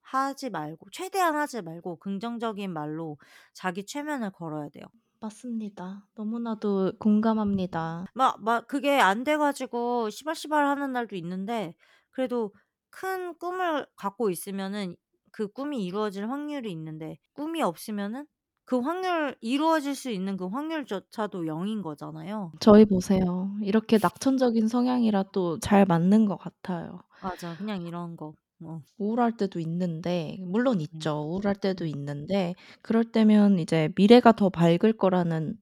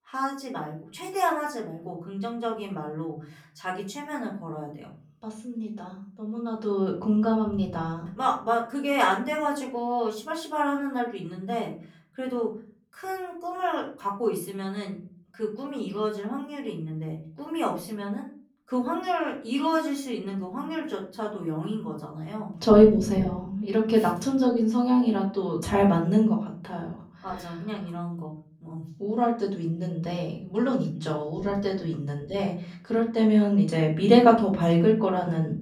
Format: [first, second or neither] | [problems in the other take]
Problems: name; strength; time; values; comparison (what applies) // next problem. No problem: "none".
first | room echo; slight; dies away in 0.4 s // off-mic speech; far